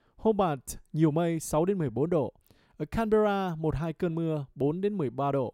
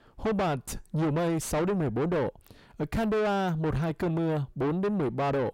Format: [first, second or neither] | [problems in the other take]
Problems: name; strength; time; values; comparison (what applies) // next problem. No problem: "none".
first | distortion; heavy; 5 dB below the speech